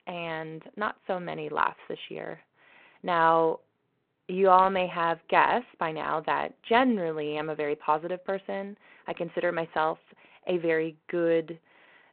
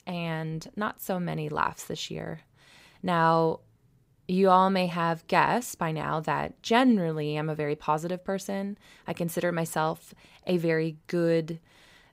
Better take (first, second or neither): second